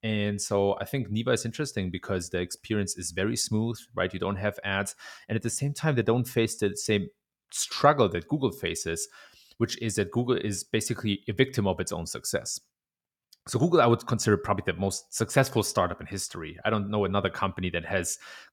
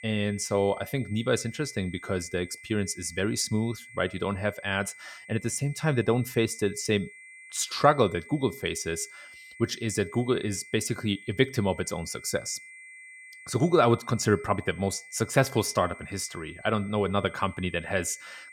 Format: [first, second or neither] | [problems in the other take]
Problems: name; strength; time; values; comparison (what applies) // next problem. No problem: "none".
first | high-pitched whine; noticeable; throughout; 2 kHz, 20 dB below the speech